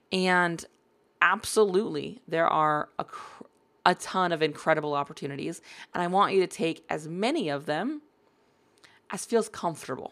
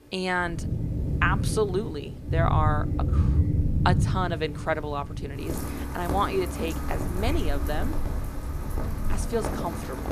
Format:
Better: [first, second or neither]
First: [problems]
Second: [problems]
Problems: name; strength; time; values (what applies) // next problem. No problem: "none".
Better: first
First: none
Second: rain or running water; very loud; throughout; 1 dB above the speech